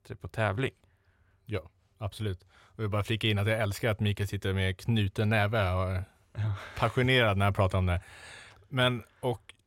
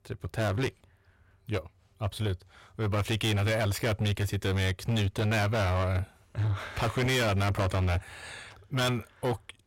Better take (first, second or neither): first